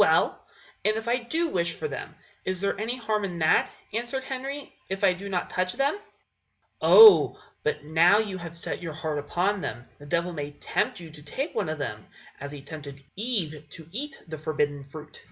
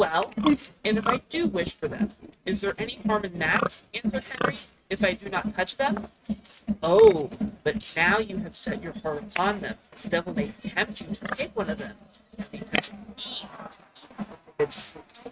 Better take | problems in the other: first | noise reduction (neural mask model RNNoise)

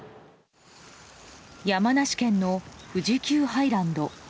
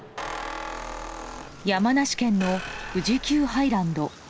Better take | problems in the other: first | background sound (Squeak); 11 dB below the speech

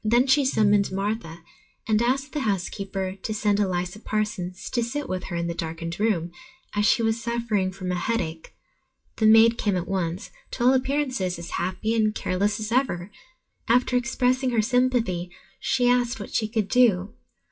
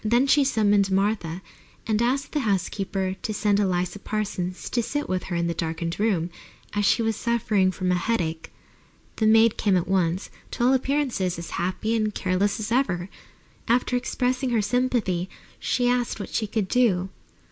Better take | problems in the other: second | noise reduction (classical method WPE with log-MMSE)

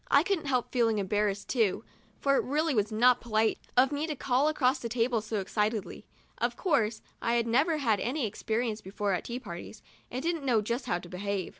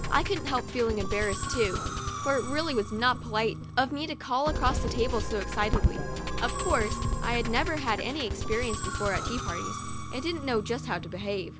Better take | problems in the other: first | background sound (Musical instrument); 2 dB below the speech

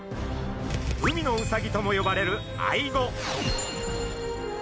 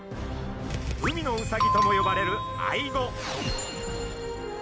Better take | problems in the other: first | background sound (Bell); 1 dB above the speech

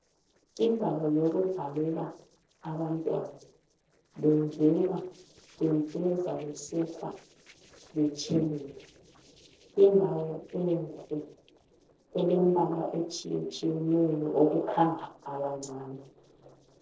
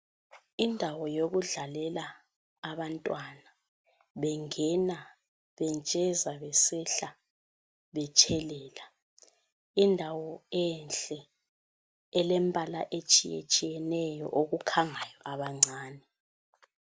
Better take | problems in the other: second | noise reduction (neural separator model SepFormer DNS4)

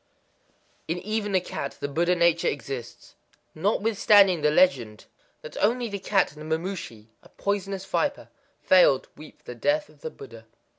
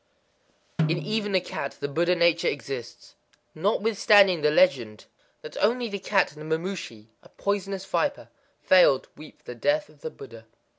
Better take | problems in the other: first | background sound (Snare drum); 7 dB below the speech

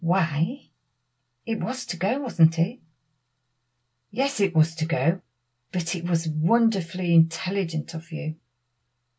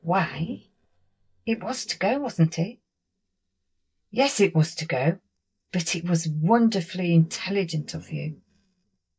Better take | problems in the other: first | noise reduction (neural mask model DeepFilterNet 3)

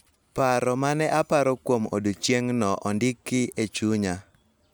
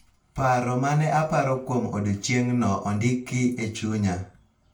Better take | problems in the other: first | room echo; dies away in 0.3 s

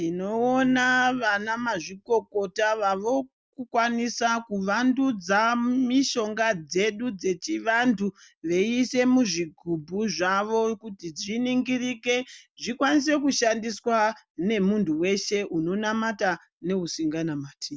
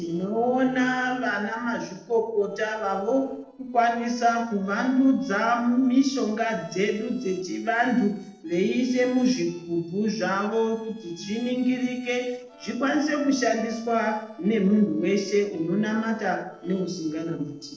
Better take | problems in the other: first | noise reduction (neural separator model SepFormer DNS4)

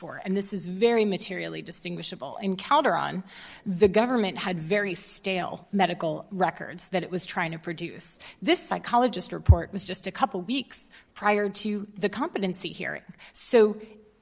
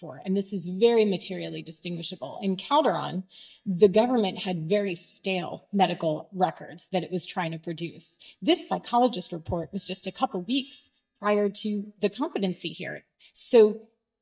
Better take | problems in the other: first | noise reduction (neural mask model DeepFilterNet 3)

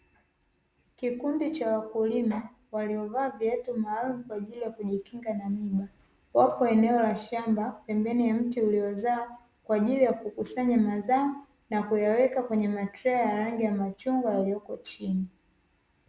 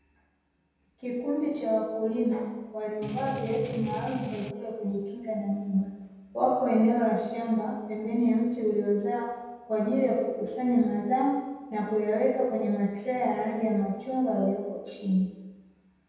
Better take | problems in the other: first | background sound (Strum); 8 dB below the speech // room echo; dies away in 1.1 s

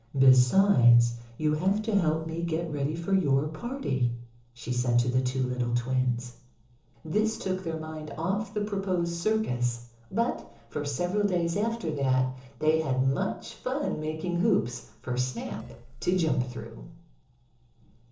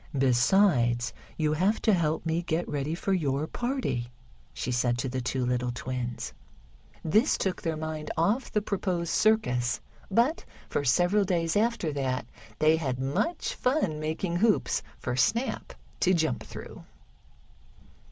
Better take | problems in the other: second | noise reduction (neural separator model SepFormer DNS4)

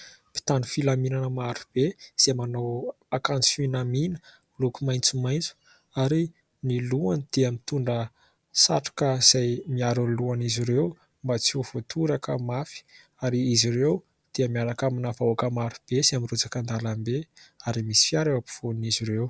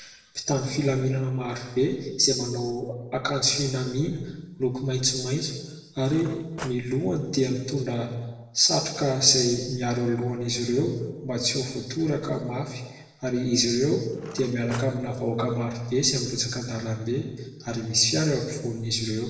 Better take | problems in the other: first | noise reduction (neural separator model SepFormer DNS4)

